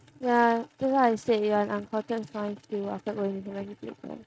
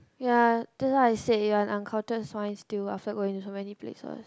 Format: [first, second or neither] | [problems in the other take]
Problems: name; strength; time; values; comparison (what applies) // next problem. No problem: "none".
second | noise reduction (neural mask model RNNoise)